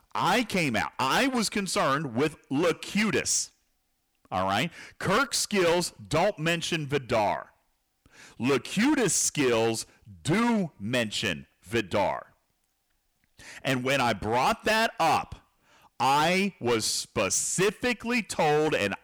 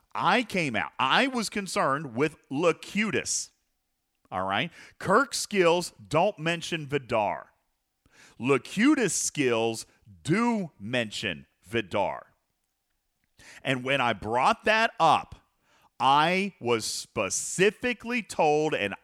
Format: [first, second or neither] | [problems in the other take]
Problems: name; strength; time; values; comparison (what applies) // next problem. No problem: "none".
second | distortion; heavy; 12% of the sound clipped